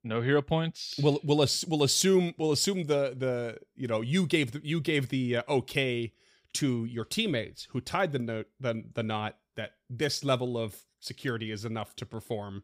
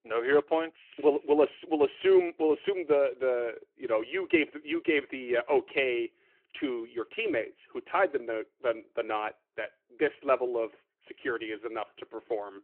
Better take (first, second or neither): first